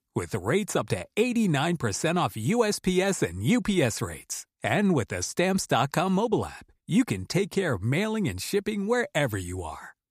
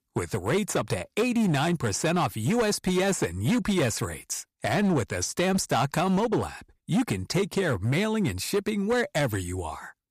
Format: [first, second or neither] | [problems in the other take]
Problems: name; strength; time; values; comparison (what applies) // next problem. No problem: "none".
first | distortion; slight; 10% of the sound clipped